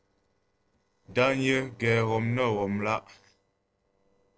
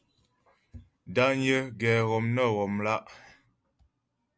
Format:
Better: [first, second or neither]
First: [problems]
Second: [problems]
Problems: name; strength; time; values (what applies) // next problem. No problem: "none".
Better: second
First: noise reduction (neural separator model SepFormer DNS4)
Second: none